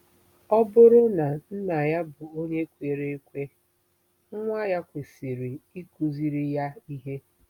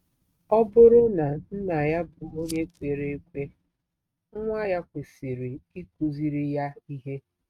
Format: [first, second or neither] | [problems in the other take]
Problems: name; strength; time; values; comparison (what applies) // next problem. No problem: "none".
first | noise reduction (neural mask model RNNoise)